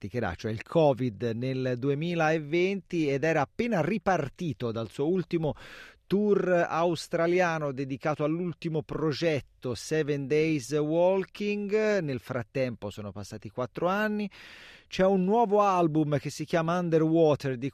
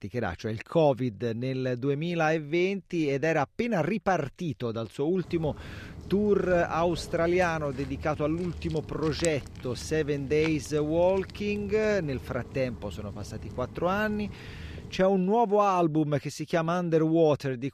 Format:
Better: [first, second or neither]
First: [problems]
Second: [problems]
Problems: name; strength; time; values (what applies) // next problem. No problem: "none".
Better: first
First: none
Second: footsteps; noticeable; from 5.5 to 15 s; peak 9 dB below the speech